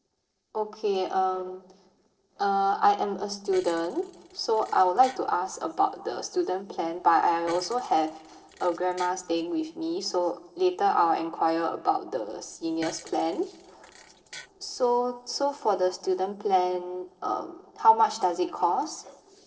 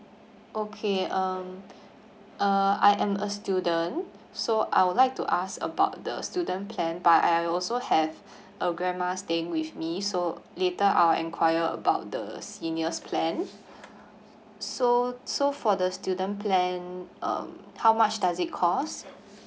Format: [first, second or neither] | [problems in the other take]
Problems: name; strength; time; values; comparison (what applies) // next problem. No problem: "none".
second | noise reduction (neural separator model SepFormer DNS4)